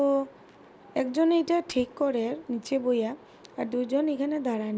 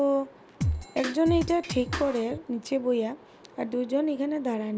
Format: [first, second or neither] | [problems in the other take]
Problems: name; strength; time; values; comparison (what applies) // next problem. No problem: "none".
first | background sound (Drum kit); 4 dB below the speech